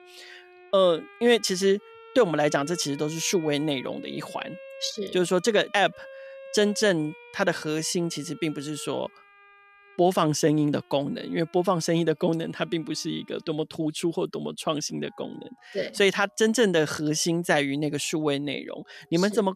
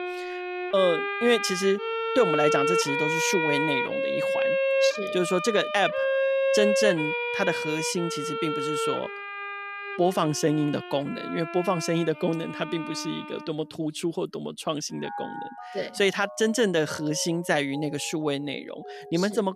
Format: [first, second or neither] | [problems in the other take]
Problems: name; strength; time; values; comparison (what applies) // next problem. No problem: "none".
first | background music; loud; throughout; 1 dB below the speech; faint in the first